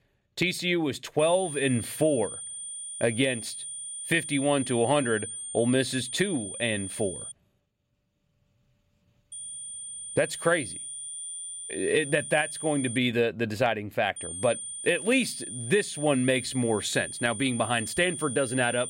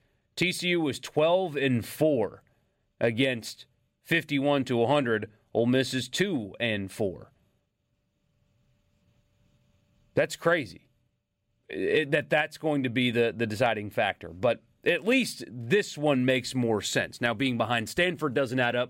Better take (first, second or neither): second